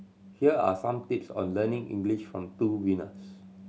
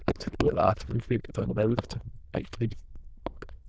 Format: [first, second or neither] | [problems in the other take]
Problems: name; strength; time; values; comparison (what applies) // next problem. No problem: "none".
first | noise reduction (neural diffusion model UNIVERSE++)